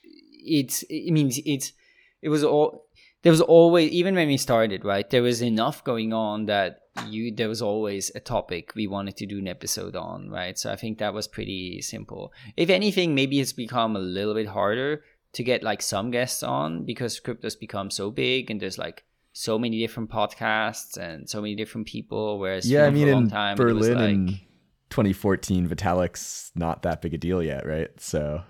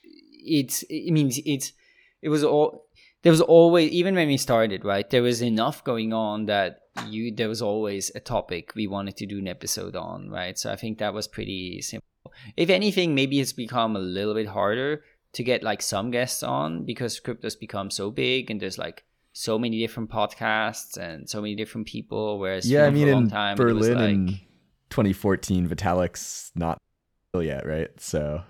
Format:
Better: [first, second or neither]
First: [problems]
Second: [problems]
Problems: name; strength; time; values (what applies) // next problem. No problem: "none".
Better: first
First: none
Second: audio cutting out; at 12 s and at 27 s for 0.5 s